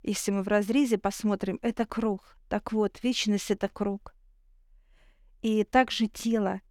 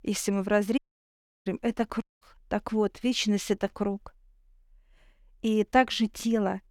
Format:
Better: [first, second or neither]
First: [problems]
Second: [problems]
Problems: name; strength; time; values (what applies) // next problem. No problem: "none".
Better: first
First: none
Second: audio cutting out; at 1 s for 0.5 s and at 2 s